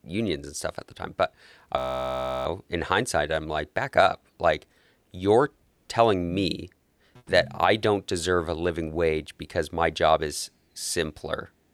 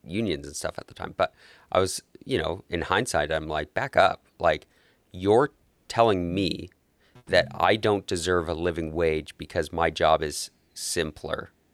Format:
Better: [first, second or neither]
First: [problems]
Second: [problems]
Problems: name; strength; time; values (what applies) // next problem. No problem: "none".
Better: second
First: audio freezing; at 2 s for 0.5 s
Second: none